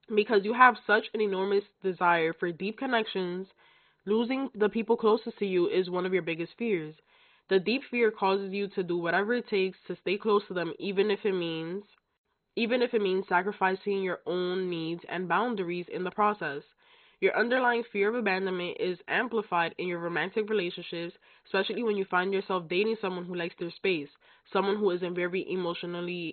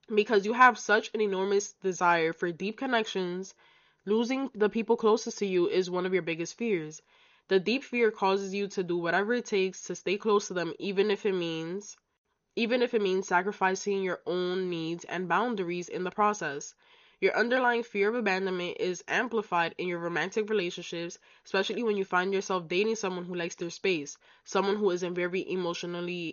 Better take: second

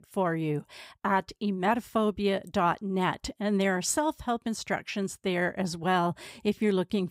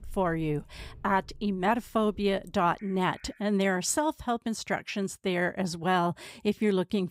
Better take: first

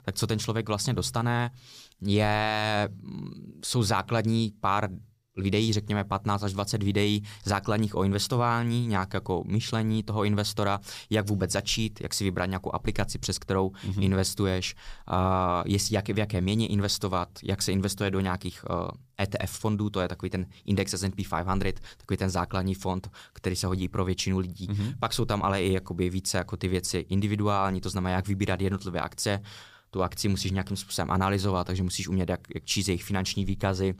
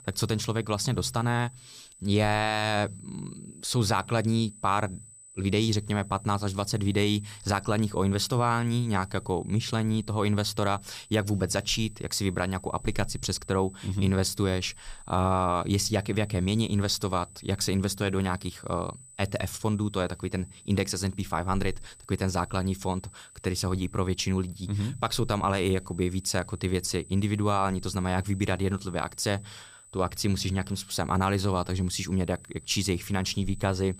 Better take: first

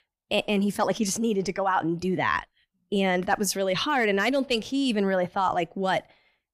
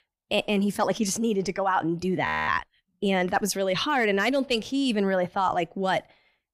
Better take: first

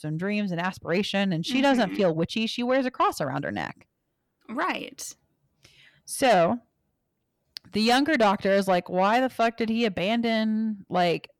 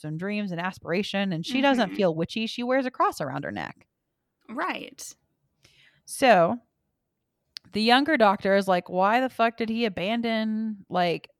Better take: second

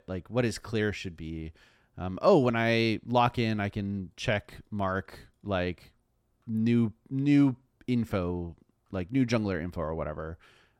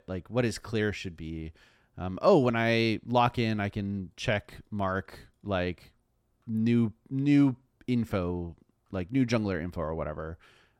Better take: neither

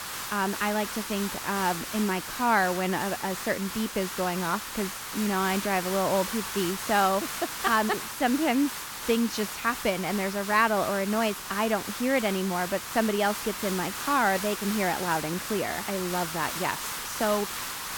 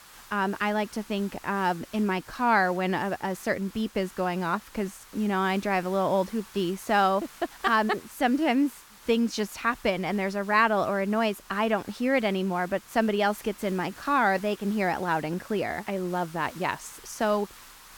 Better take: second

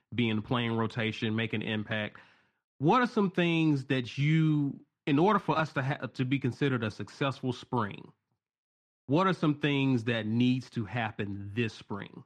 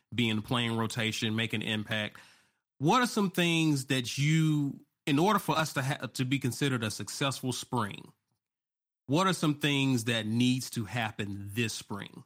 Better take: second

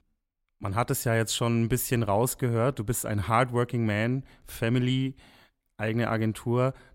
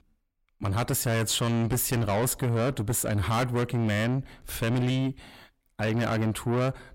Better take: first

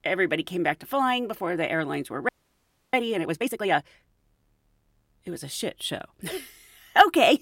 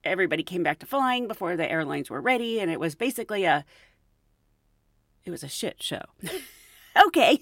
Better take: second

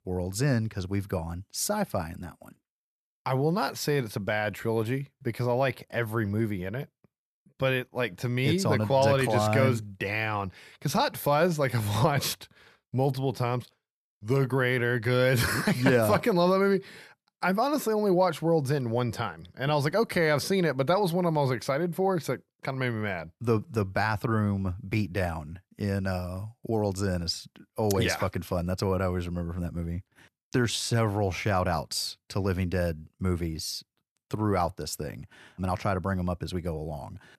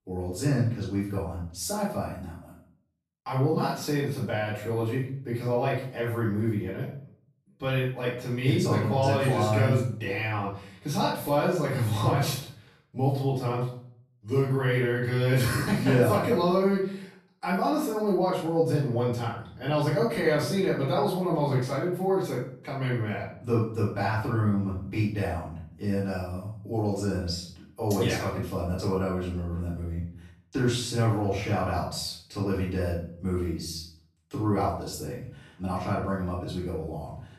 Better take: first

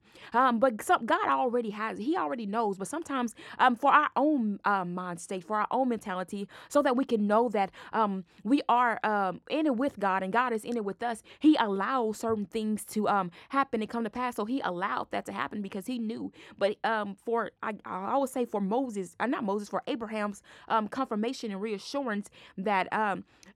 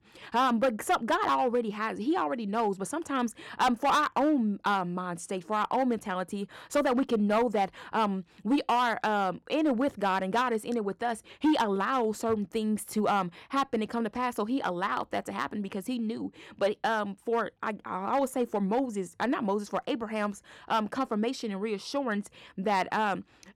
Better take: first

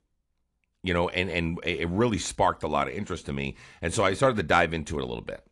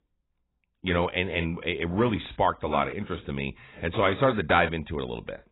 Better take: first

